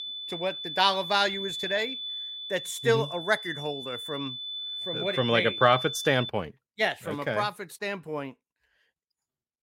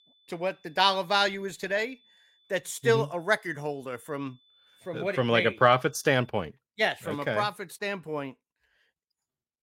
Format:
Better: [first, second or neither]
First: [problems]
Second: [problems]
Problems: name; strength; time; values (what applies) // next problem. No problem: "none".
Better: second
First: high-pitched whine; loud; until 6.5 s; 3.5 kHz, 6 dB below the speech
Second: high-pitched whine; faint; until 6.5 s; 3.5 kHz, 35 dB below the speech